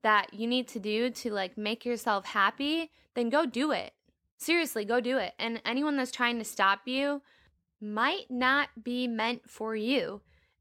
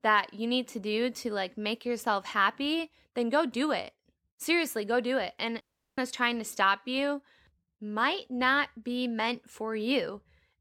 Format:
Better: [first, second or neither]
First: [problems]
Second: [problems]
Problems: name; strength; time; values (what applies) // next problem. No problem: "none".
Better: first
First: none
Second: audio cutting out; at 5.5 s